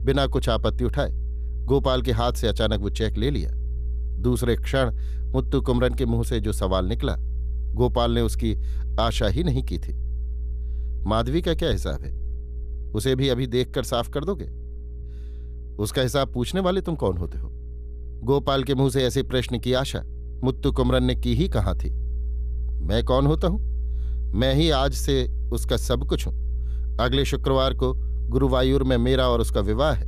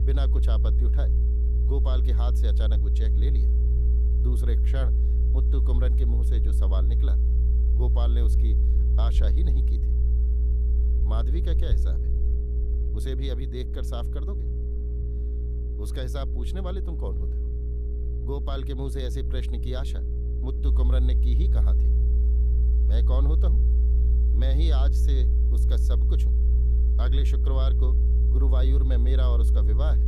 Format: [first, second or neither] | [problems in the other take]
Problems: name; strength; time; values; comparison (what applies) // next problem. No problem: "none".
first | low rumble; loud; throughout; 3 dB below the speech; faint in the first